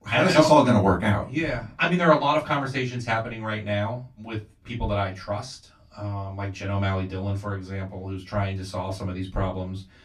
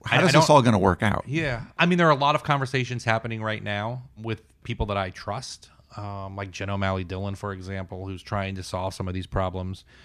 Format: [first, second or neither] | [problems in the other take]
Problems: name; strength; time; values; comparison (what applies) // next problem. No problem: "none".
second | off-mic speech; far // room echo; very slight; dies away in 0.2 s